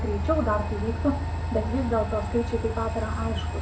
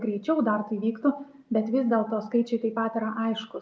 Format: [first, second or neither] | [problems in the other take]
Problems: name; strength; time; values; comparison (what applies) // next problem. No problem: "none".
second | background sound (Train); 1 dB below the speech // room echo; dies away in 0.2 s